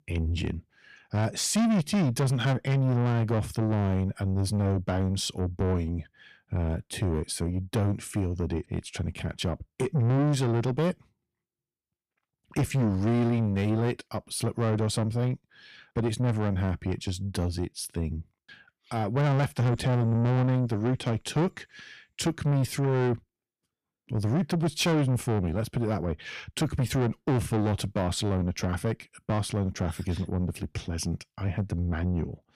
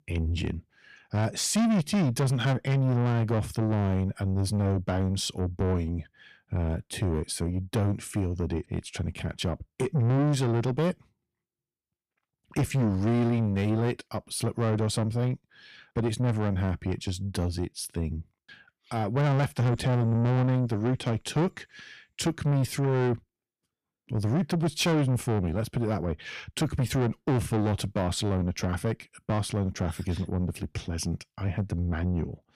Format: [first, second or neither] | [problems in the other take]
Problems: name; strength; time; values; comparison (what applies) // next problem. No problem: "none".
neither | distortion; heavy; 7 dB below the speech; the same in both